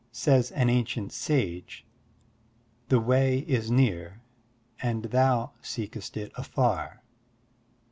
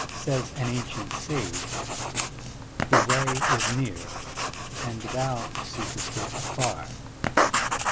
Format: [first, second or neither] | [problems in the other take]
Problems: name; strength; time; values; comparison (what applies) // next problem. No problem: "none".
first | background sound (Writing); 4 dB above the speech